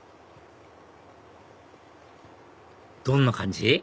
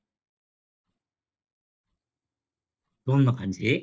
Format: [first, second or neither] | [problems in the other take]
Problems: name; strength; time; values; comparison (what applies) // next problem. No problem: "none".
first | noise reduction (neural mask model DeepFilterNet 3)